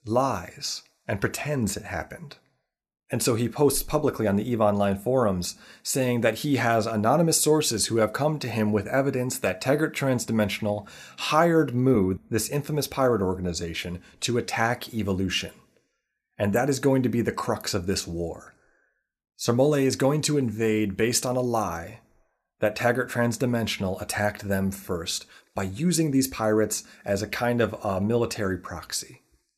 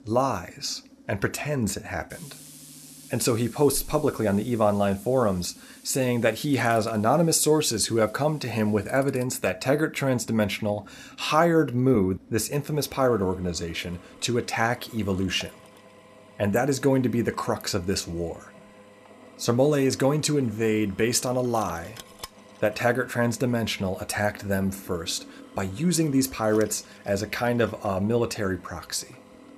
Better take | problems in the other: first | machinery noise; faint; throughout; 20 dB below the speech

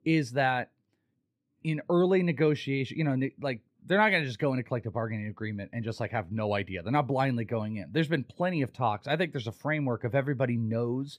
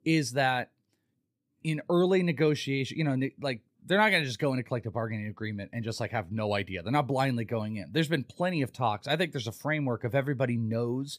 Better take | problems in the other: second | muffled; very slightly; fading above 4 kHz

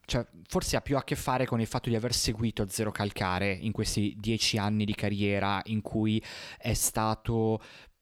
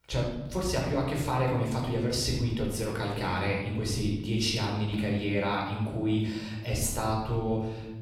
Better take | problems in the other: first | off-mic speech; far // room echo; noticeable; dies away in 1.1 s

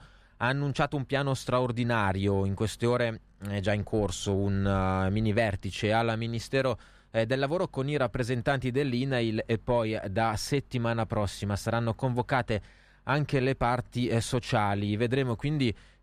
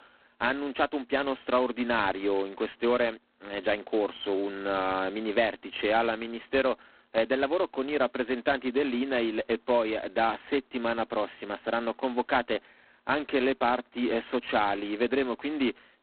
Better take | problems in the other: first | phone-call audio; poor line; nothing above 4 kHz

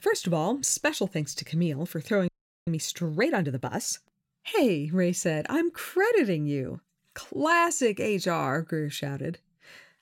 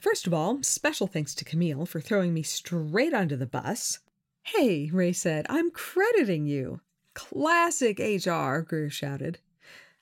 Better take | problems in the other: second | audio freezing; at 2.5 s

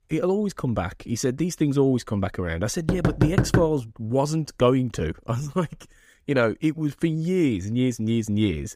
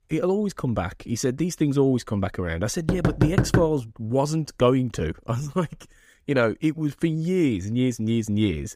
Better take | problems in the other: neither | door banging; loud; at 3 s; peak 3 dB above the speech; the same in both

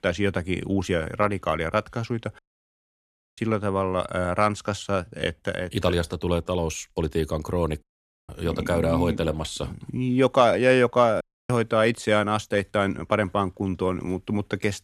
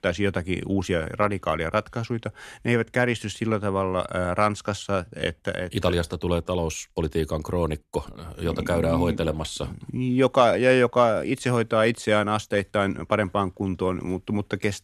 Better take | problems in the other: second | audio cutting out; at 2.5 s for 1 s, at 8 s and at 11 s

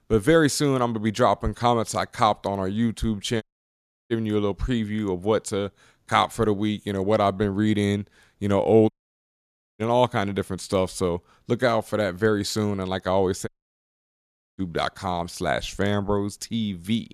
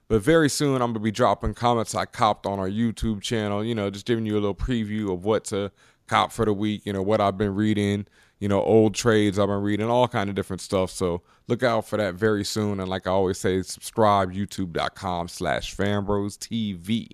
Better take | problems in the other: second | audio cutting out; at 3.5 s for 0.5 s, at 9 s for 1 s and at 13 s for 1 s

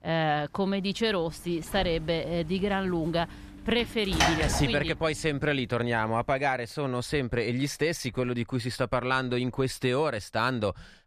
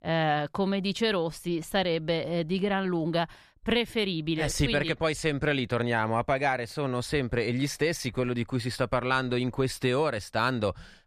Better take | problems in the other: second | door banging; loud; from 1.5 to 5 s; peak 3 dB above the speech

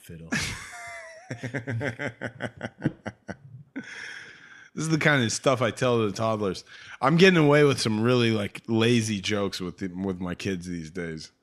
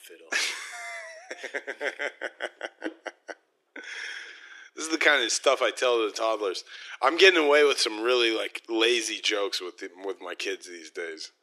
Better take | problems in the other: first | thin; very; fading below 350 Hz

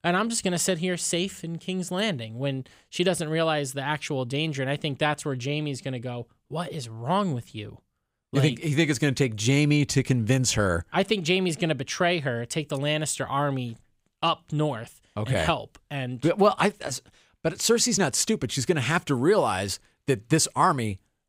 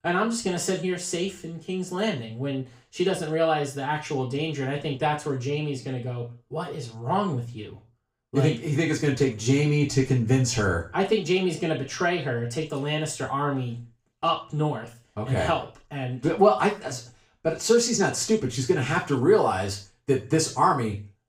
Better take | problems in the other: first | room echo; slight; dies away in 0.3 s // off-mic speech; far

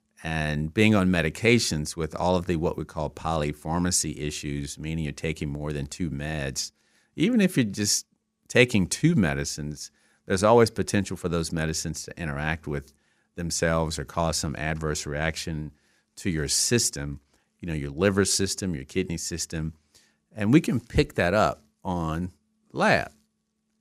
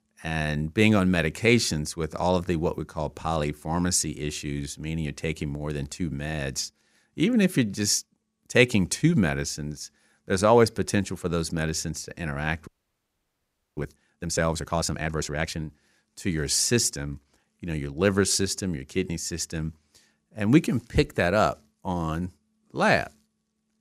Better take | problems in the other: first | audio freezing; at 13 s for 1 s

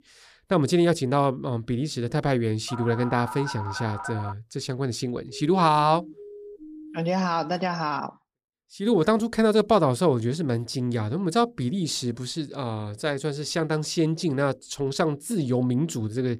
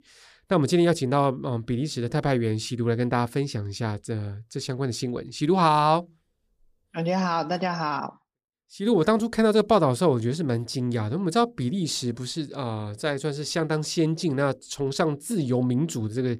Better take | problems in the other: second | phone ringing; noticeable; from 2.5 to 4.5 s; peak 8 dB below the speech // siren; faint; from 5.5 to 7 s; peak 15 dB below the speech

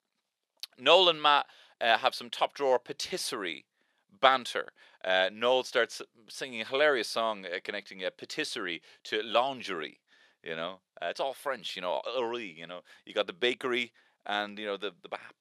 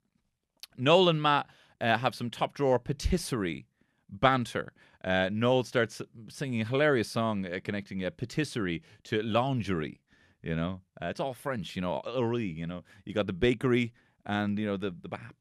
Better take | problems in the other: second | thin; very; fading below 550 Hz

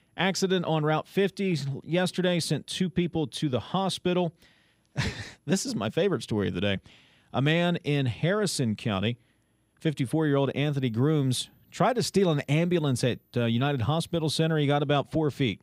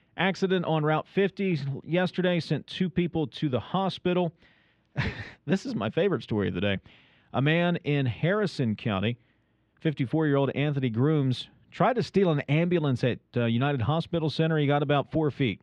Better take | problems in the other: first | muffled; slightly; fading above 2.5 kHz

